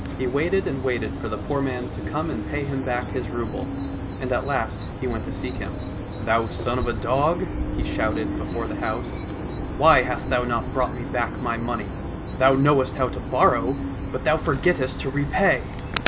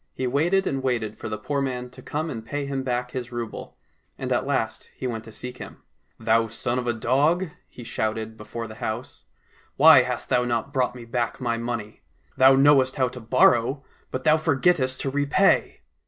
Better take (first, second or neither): second